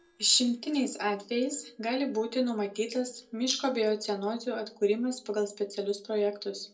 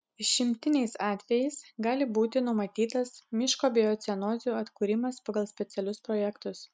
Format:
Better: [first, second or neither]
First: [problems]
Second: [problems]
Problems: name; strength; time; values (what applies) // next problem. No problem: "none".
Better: second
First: noise reduction (neural separator model SepFormer DNS4)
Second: none